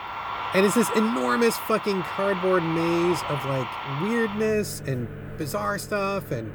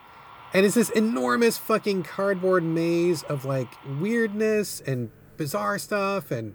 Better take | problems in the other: second | household noises; loud; throughout; 7 dB below the speech; faint in the second

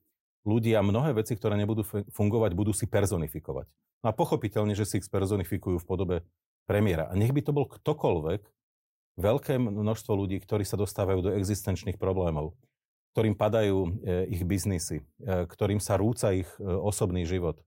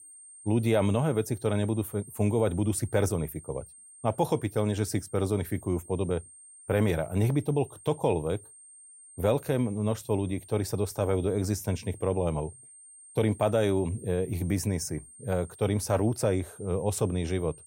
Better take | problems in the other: first | high-pitched whine; noticeable; throughout; 8.5 kHz, 20 dB below the speech

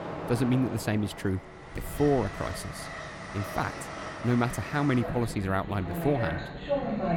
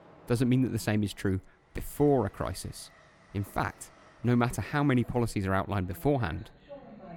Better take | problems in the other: second | train or aircraft noise; loud; throughout; 7 dB below the speech; faint in the second

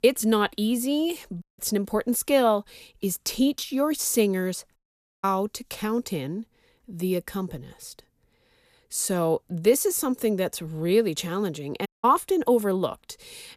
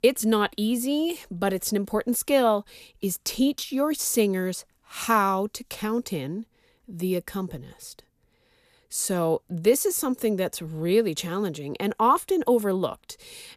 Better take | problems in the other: second | audio cutting out; at 1.5 s, at 5 s and at 12 s

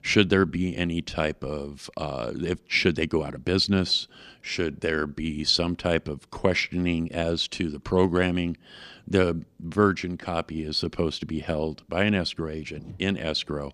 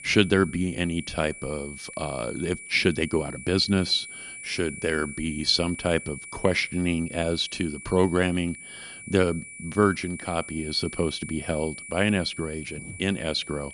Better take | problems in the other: first | high-pitched whine; noticeable; throughout; 2.5 kHz, 15 dB below the speech

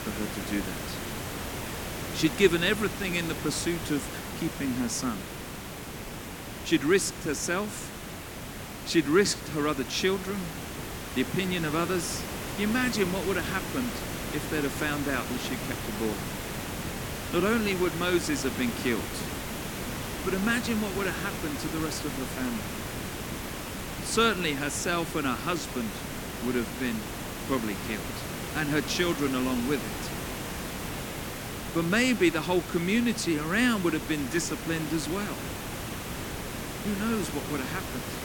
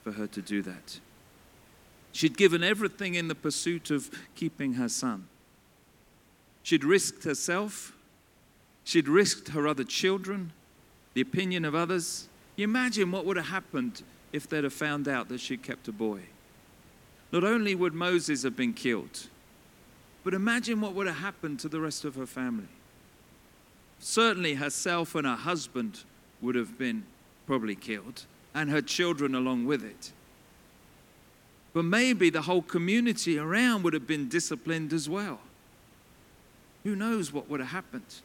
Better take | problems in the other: second | hiss; loud; throughout; 6 dB below the speech; faint in the second

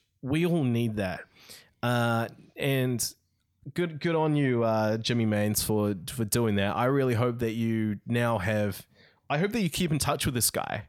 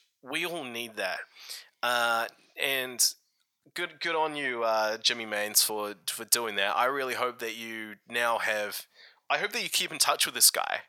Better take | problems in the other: first | thin; very; fading below 800 Hz

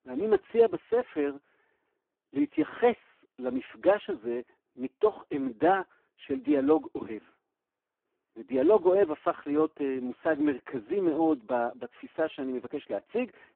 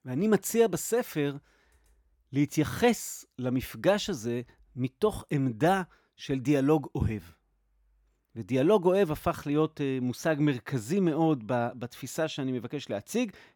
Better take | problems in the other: second | phone-call audio; poor line

